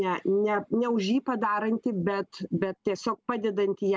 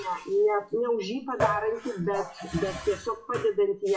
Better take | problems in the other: first | noise reduction (classical method WPE with log-MMSE)

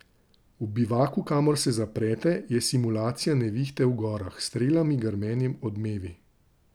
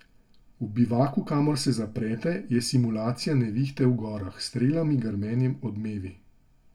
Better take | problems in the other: first | room echo; dies away in 0.2 s

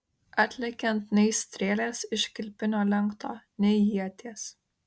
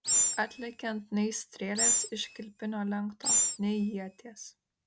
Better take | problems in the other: first | background sound (Animal); 4 dB above the speech

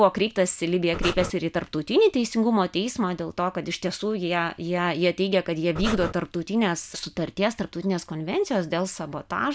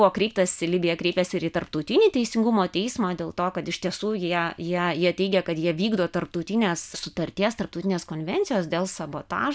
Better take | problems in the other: second | background sound (Breathing); 4 dB below the speech

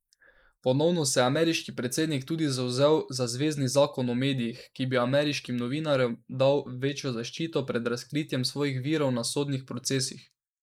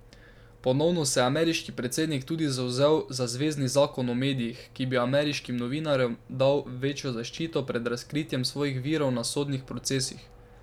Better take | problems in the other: second | noise reduction (neural mask model Resemble Enhance denoiser)

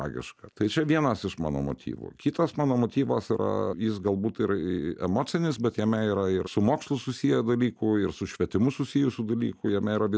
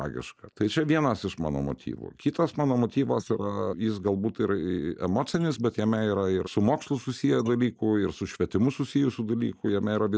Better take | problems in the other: first | noise reduction (neural mask model Resemble Enhance denoiser)

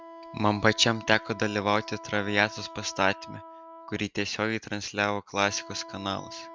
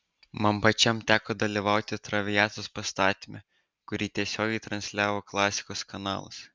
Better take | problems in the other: second | background sound (Wind instrument, woodwind instrument); 16 dB below the speech

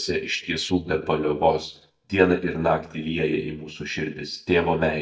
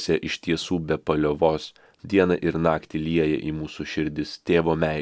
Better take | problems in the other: second | noise reduction (neural mask model DeepFilterNet 3)

